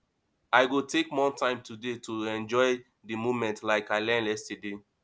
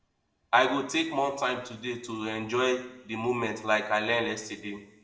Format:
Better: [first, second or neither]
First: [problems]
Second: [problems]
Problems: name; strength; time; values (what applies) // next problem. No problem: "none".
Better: first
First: none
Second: room echo; dies away in 0.7 s